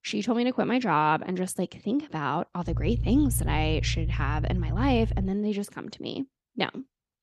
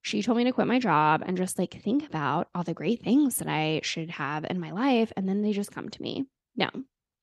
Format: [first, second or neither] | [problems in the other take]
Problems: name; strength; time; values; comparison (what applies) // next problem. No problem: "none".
second | low rumble; noticeable; from 2.5 to 5.5 s; 15 dB below the speech